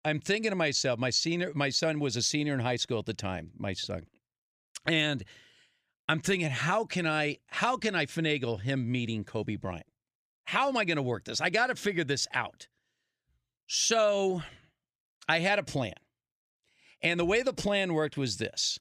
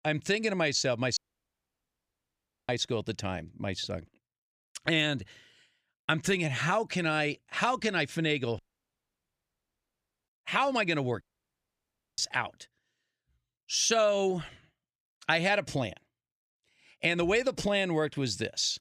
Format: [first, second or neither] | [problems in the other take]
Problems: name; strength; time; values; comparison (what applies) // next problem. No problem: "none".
first | audio cutting out; at 1 s for 1.5 s, at 8.5 s for 1.5 s and at 11 s for 1 s